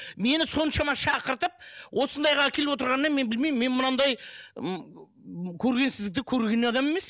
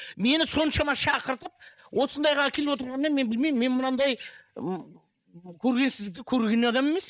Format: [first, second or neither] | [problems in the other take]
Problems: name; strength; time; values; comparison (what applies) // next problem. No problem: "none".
first | noise reduction (neural mask model DeepFilterNet 3)